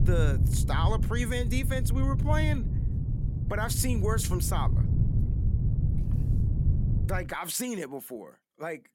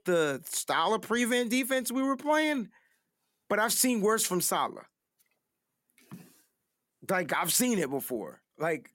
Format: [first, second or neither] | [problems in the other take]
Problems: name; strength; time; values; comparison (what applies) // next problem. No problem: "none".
second | wind noise on the microphone; heavy; until 7 s; 8 dB below the speech